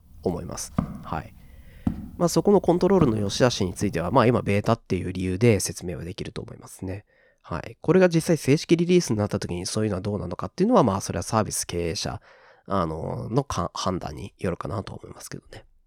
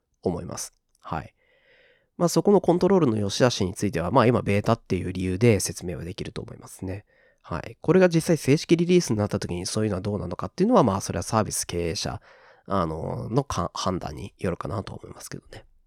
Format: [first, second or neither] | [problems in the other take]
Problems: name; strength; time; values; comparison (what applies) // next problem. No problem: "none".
second | footsteps; noticeable; from 1 to 4 s; peak 6 dB below the speech